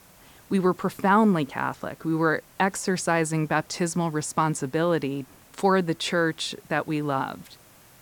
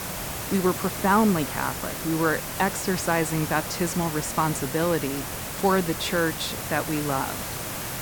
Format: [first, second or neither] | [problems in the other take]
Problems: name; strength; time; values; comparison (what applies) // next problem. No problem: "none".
first | hiss; loud; throughout; 5 dB below the speech; faint in the first